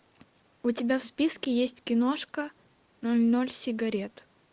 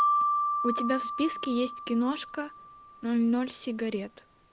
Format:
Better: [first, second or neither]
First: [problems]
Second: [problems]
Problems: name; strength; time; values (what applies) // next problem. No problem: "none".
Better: first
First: none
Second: background sound (Marimba, xylophone); 2 dB below the speech